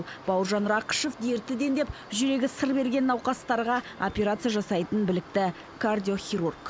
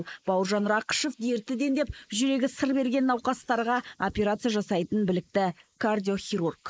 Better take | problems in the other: first | noise reduction (neural mask model Resemble Enhance denoiser)

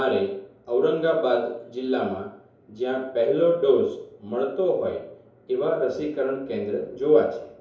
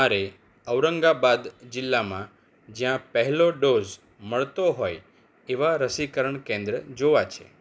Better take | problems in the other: second | room echo; dies away in 2.8 s

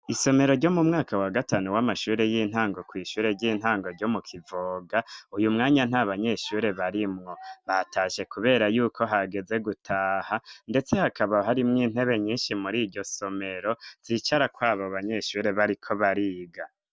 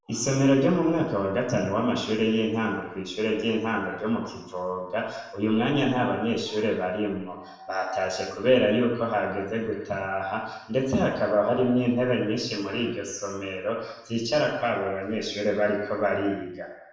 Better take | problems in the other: first | room echo; dies away in 0.8 s

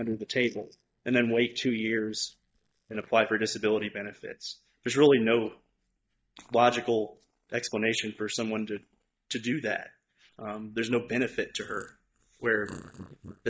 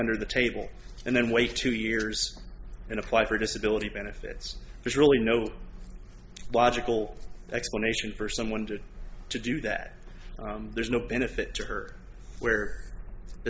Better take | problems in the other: second | noise reduction (neural mask model DeepFilterNet 3)

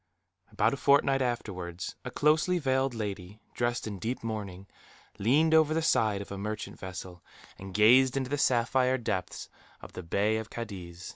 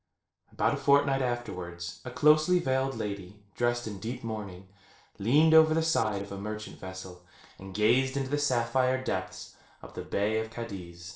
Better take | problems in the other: first | noise reduction (neural separator model SepFormer DNS4)

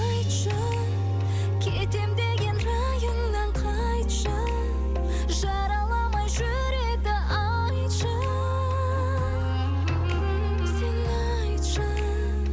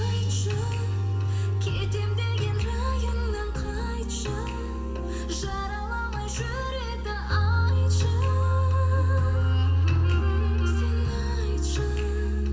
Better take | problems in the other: first | room echo; dies away in 1.7 s

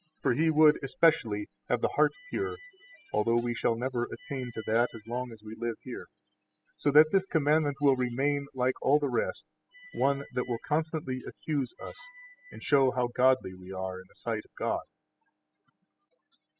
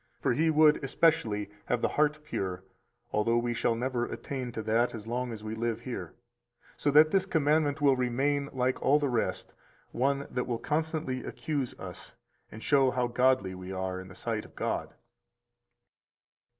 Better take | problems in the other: second | noise reduction (classical method spectral subtraction)

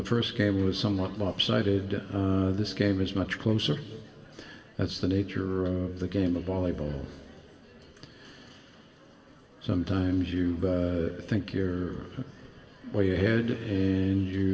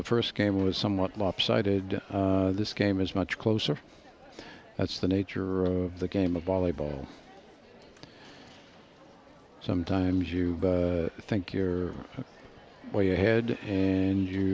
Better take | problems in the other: second | room echo; dies away in 1.4 s

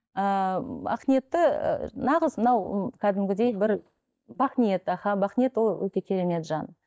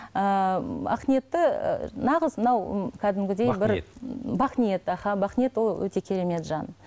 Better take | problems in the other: second | noise reduction (neural mask model DeepFilterNet 3)

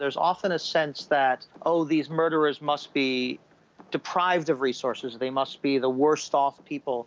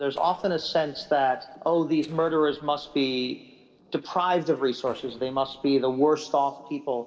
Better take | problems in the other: first | noise reduction (neural separator model SepFormer DNS4)

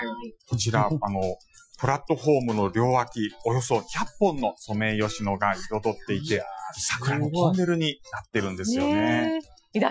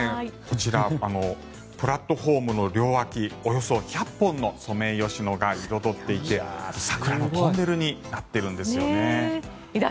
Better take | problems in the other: second | noise reduction (classical method Wiener filter)

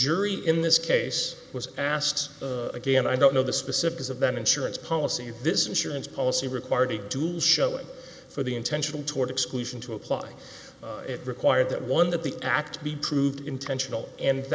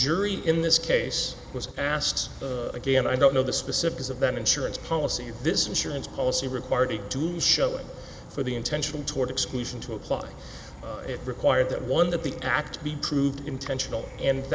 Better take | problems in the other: first | background sound (Insect / Frog); 15 dB below the speech

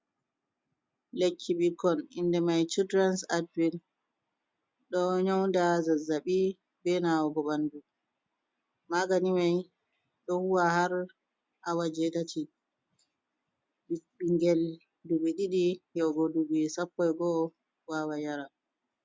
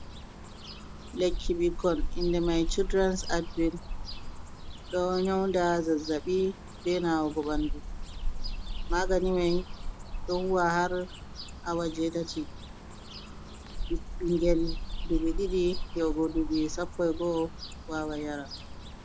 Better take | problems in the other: first | background sound (Cricket / Bird); 4 dB below the speech

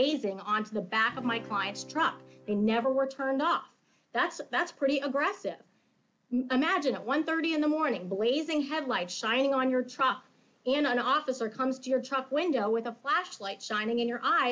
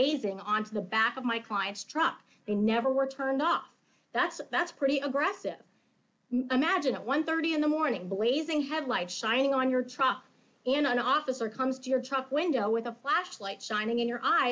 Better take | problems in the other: second | background sound (Acoustic guitar / Strum); 18 dB below the speech

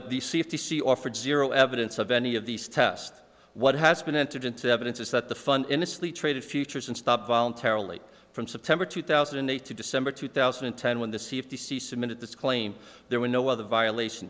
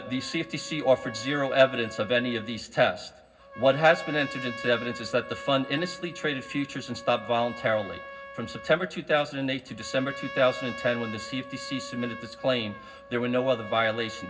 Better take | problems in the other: first | background sound (Trumpet); 14 dB below the speech // room echo; dies away in 0.4 s

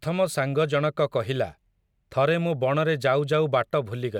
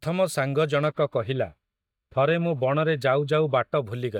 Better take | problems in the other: first | noise reduction (neural mask model DeepFilterNet 3)

